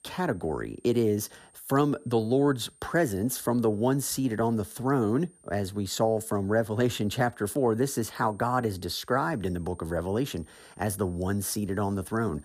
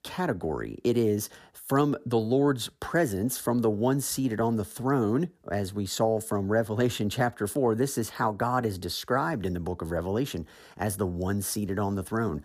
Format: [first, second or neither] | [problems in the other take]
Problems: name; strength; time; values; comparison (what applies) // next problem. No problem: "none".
second | high-pitched whine; faint; throughout; 8.5 kHz, 30 dB below the speech